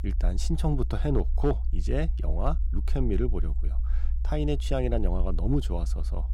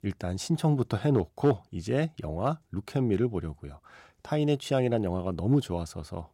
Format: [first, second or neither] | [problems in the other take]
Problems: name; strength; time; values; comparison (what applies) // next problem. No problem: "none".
second | low rumble; noticeable; throughout; 20 dB below the speech